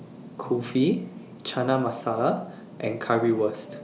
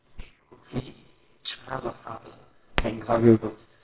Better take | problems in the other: first | noise reduction (neural separator model SepFormer WHAMR!)

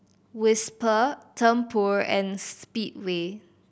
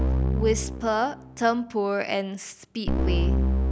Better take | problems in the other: first | background sound (Keyboard (musical)); 2 dB above the speech

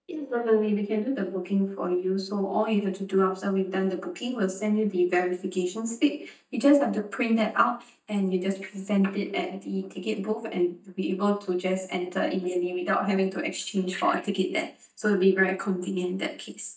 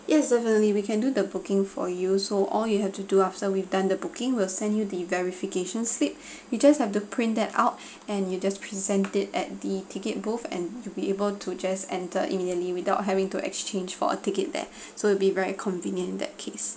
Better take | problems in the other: second | noise reduction (neural mask model DeepFilterNet 3)

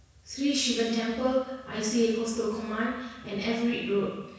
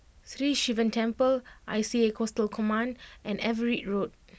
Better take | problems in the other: second | room echo; dies away in 1.1 s

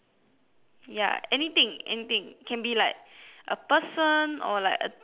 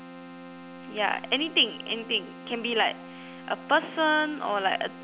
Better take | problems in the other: first | background sound (Keyboard (musical)); 15 dB below the speech

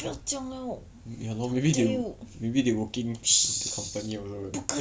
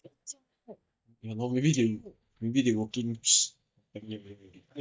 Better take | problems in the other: first | noise reduction (neural mask model DeepFilterNet 3)

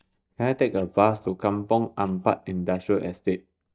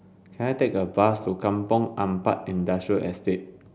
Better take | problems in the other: second | noise reduction (neural mask model DeepFilterNet 3)

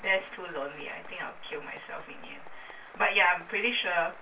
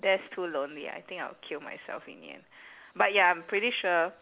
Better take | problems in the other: second | background sound (Applause); 19 dB below the speech // room echo; dies away in 0.2 s

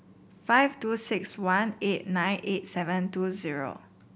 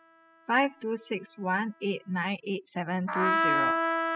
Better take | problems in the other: first | noise reduction (classical method spectral subtraction)

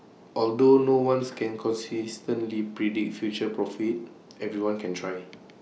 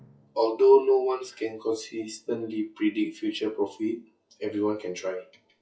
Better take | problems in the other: first | noise reduction (classical method WPE with log-MMSE)

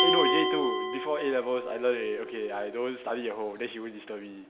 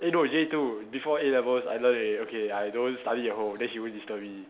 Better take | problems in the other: second | background sound (Glass); as loud as the speech

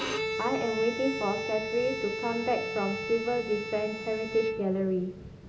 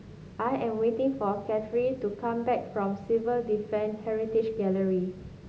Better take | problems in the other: second | background sound (Bowed string instrument); 5 dB below the speech

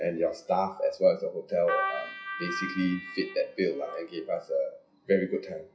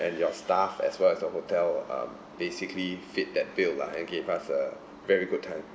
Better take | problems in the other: second | noise reduction (classical method WPE with log-MMSE)

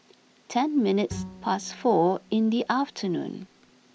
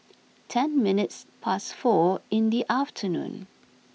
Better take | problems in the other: second | background sound (Bowed string instrument); 16 dB below the speech

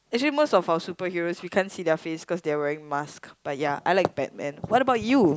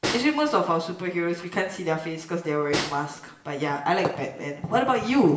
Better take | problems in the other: first | background sound (Snare drum); 12 dB below the speech // room echo; dies away in 0.8 s

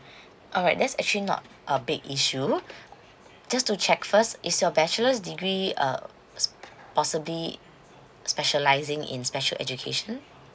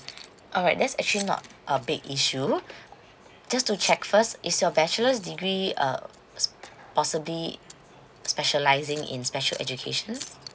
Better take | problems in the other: first | background sound (Keys jangling); 19 dB below the speech

